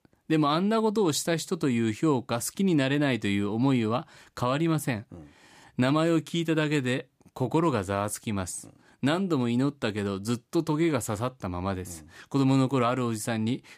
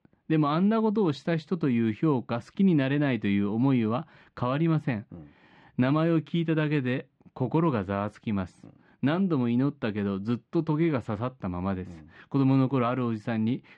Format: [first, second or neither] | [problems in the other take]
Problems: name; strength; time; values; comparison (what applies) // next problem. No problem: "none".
first | muffled; slightly; fading above 3 kHz